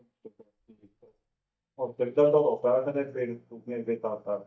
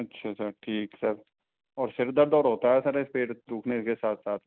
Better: second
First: noise reduction (neural mask model DeepFilterNet 3)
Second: none

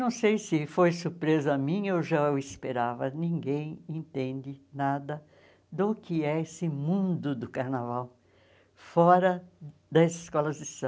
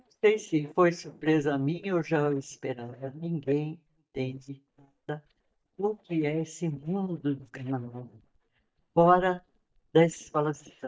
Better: first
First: none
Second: noise reduction (neural mask model DeepFilterNet 3)

